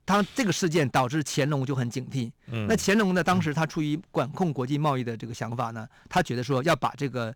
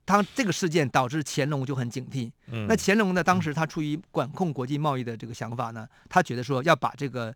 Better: second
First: distortion; slight; 3% of the sound clipped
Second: none

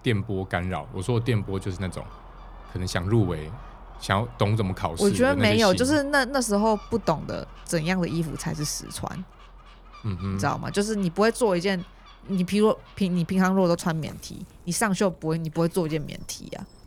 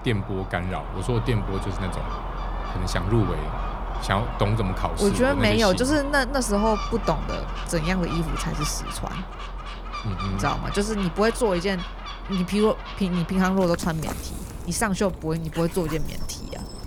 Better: first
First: animal sounds; faint; throughout; 20 dB below the speech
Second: animal sounds; loud; throughout; 8 dB below the speech

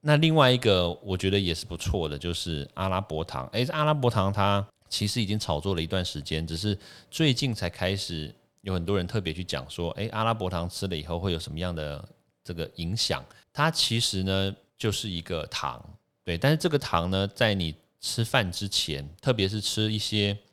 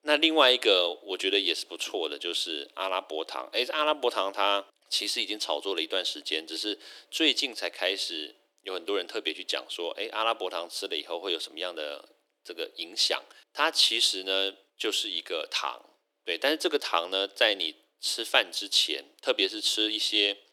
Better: first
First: none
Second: thin; very; fading below 300 Hz

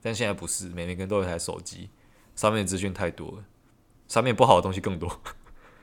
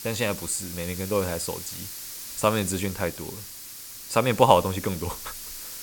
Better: first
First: none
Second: hiss; noticeable; throughout; 10 dB below the speech

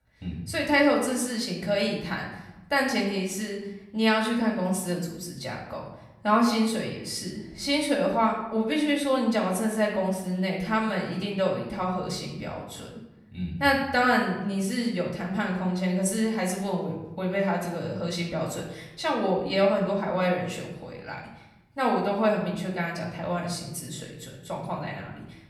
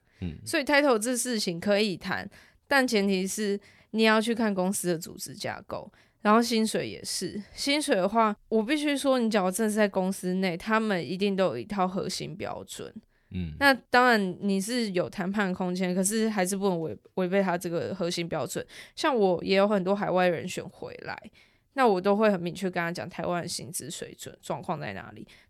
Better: second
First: off-mic speech; far // room echo; noticeable; dies away in 0.9 s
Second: none

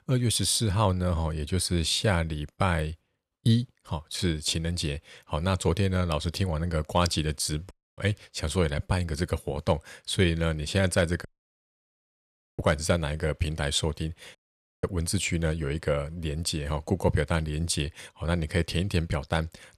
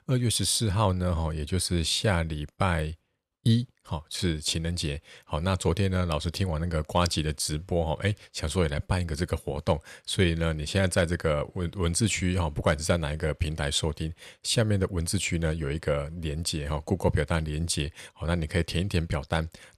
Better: second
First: audio cutting out; at 7.5 s, at 11 s for 1.5 s and at 14 s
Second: none

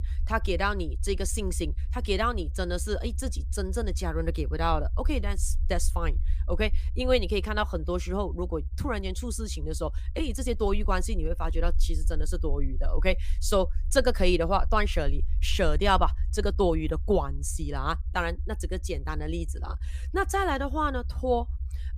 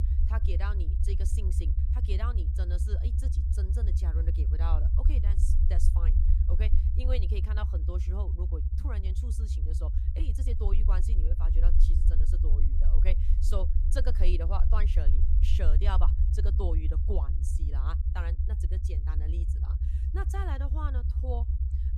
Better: first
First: low rumble; faint; throughout; 25 dB below the speech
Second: low rumble; loud; throughout; 4 dB below the speech

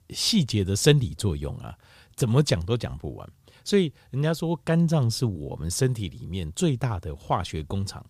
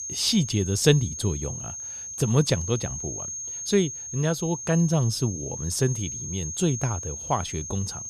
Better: first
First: none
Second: high-pitched whine; loud; throughout; 6.5 kHz, 7 dB below the speech

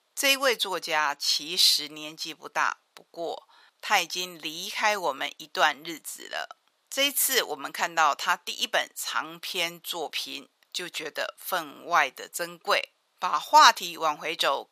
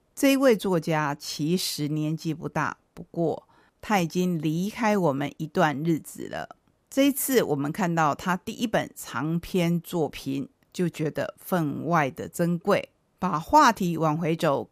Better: second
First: thin; very; fading below 900 Hz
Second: none

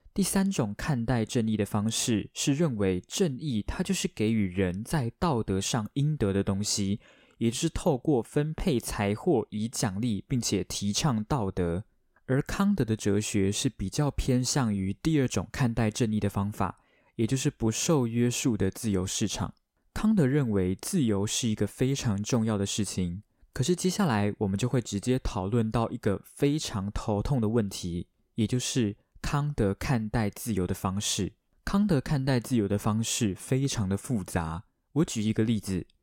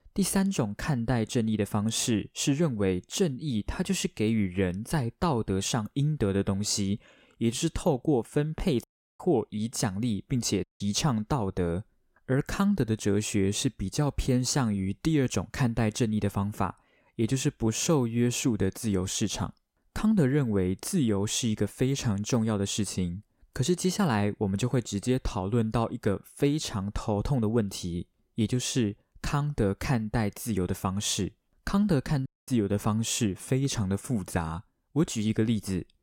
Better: first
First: none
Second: audio cutting out; at 9 s, at 11 s and at 32 s

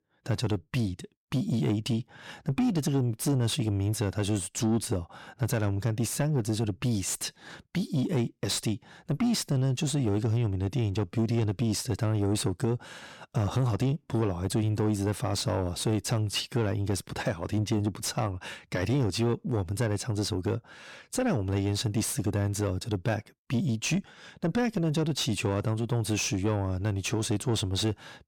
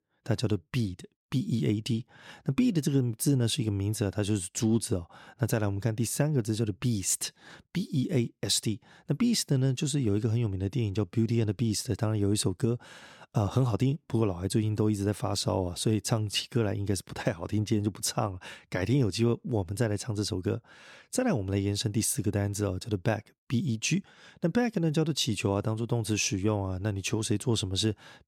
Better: second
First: distortion; slight; 10 dB below the speech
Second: none

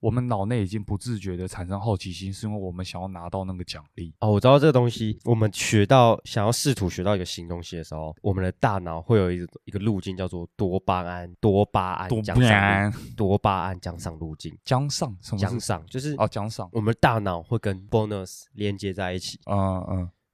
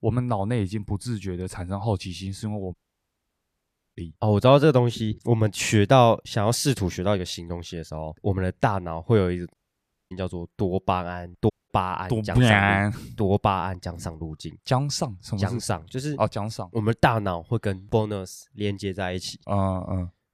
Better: first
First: none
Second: audio cutting out; at 2.5 s for 1 s, at 9.5 s for 0.5 s and at 12 s

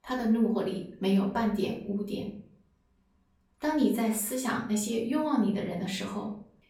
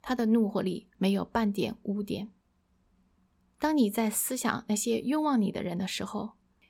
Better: second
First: off-mic speech; far // room echo; slight; dies away in 0.5 s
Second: none

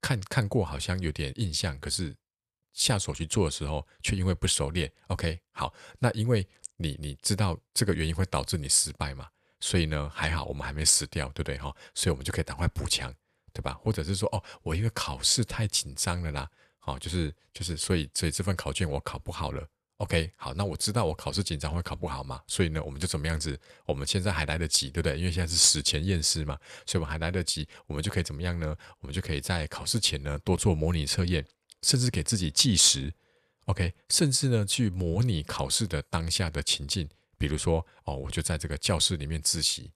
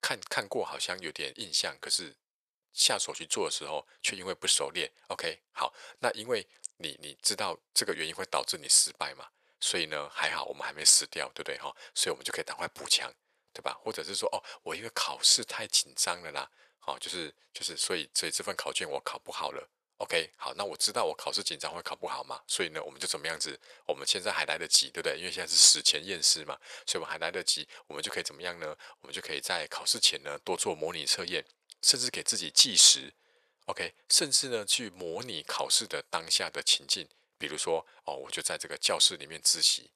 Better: first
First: none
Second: thin; very; fading below 550 Hz

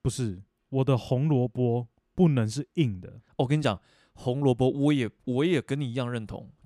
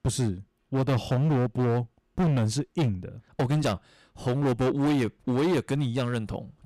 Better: first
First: none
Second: distortion; heavy; 17% of the sound clipped

